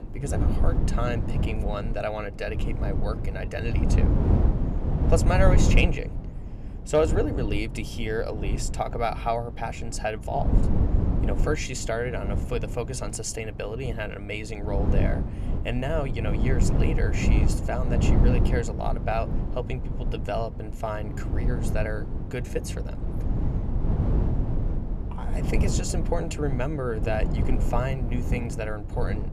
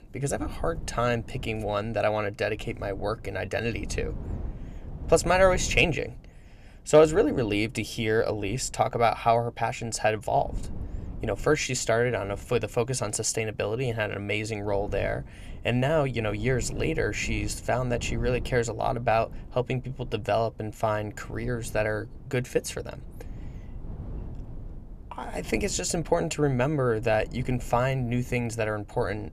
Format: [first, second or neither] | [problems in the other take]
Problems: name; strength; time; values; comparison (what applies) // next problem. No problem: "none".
second | low rumble; loud; throughout; 7 dB below the speech; faint in the second